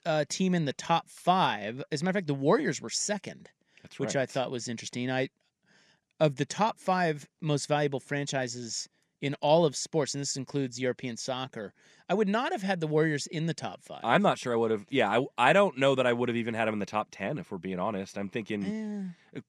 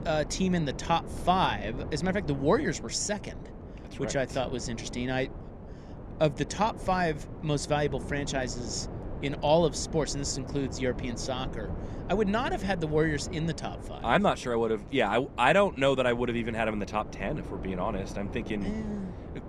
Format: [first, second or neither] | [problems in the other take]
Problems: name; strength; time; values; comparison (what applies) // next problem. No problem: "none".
first | wind noise on the microphone; occasional gusts; 15 dB below the speech